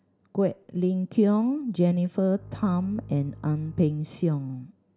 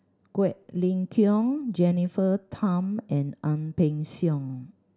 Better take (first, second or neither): second